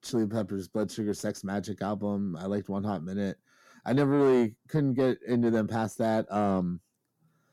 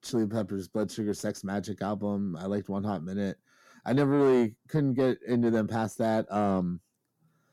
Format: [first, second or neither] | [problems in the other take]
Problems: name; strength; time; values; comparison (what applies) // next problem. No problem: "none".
neither | distortion; slight; 10 dB below the speech; the same in both